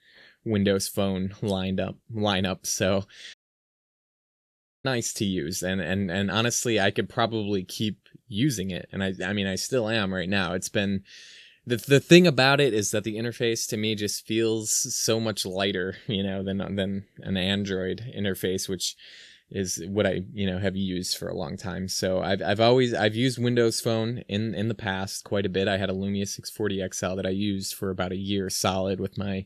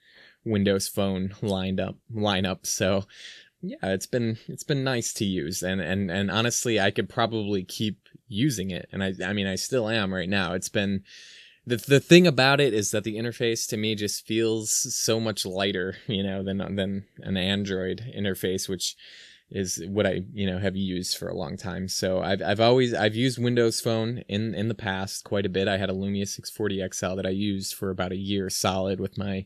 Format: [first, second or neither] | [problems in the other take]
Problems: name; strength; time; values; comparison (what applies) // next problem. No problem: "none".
second | audio cutting out; at 3.5 s for 1.5 s